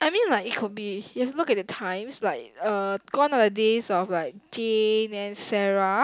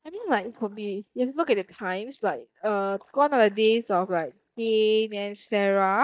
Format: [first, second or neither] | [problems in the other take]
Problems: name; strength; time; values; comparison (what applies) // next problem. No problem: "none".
first | noise reduction (neural mask model DeepFilterNet 3)